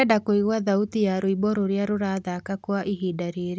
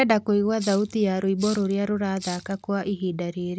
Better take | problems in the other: first | background sound (Rattle (instrument)); 16 dB below the speech

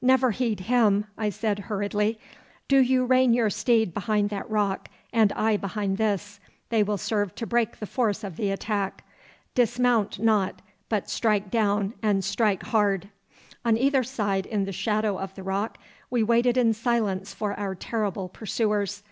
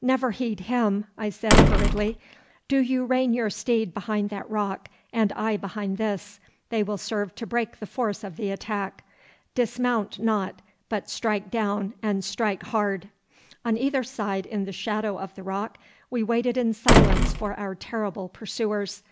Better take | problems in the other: first | background sound (Slam); 5 dB above the speech

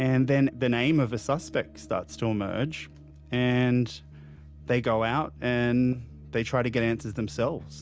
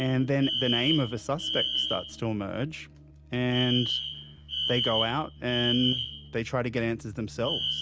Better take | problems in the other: first | background sound (Alarm); 4 dB below the speech

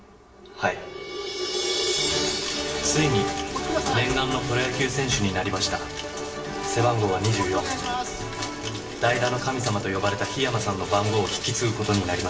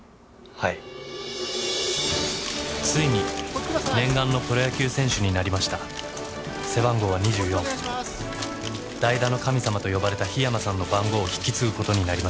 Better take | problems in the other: second | room echo; dies away in 0.9 s

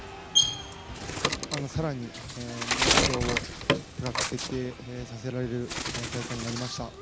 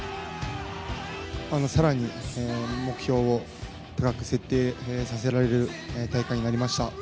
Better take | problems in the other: second | background sound (Bird); 4 dB above the speech

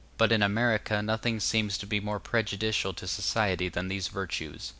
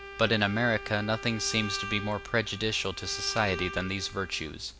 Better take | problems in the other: first | background sound (Bowed string instrument); 11 dB below the speech

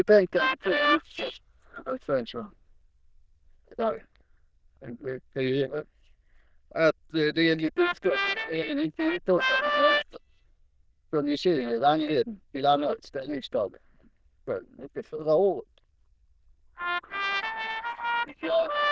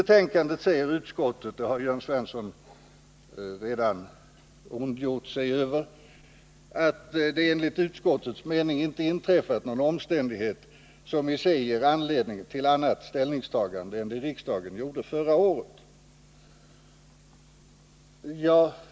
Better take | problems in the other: second | noise reduction (neural diffusion model UNIVERSE++)

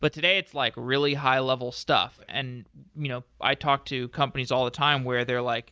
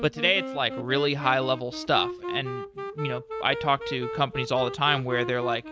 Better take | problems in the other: first | background sound (Wind instrument, woodwind instrument); 8 dB below the speech

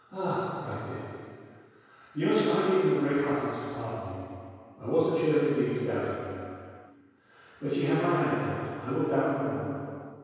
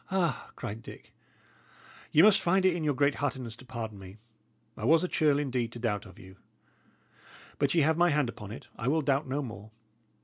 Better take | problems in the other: second | room echo; dies away in 2.2 s

